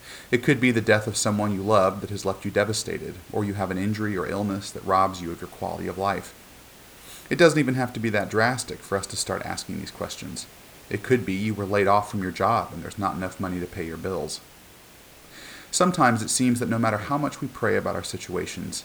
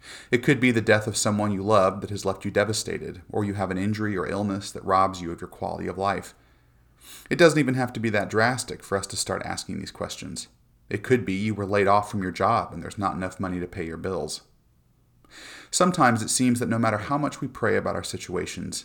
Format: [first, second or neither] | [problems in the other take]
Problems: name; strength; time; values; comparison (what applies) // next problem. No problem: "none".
second | hiss; faint; throughout; 20 dB below the speech